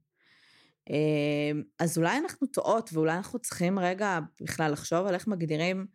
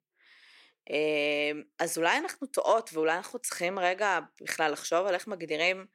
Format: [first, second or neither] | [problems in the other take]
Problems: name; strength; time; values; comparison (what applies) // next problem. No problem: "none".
first | thin; somewhat; fading below 500 Hz